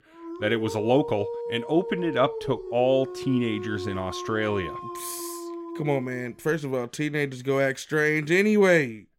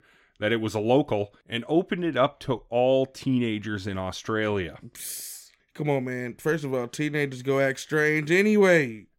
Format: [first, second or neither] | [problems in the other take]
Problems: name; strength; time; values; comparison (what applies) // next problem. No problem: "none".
second | dog barking; noticeable; until 6 s; peak 7 dB below the speech